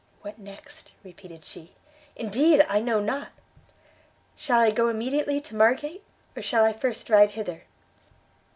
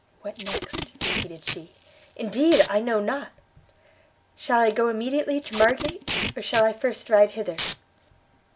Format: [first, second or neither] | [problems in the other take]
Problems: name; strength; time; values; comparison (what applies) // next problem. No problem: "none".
first | background sound (Packing tape, duct tape); 9 dB below the speech